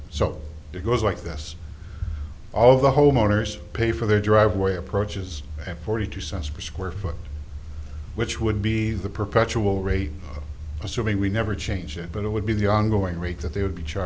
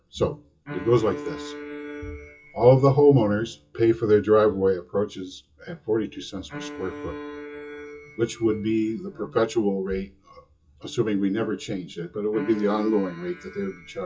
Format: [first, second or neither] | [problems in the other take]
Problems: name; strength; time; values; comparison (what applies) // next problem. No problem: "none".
first | noise reduction (classical method WPE with log-MMSE)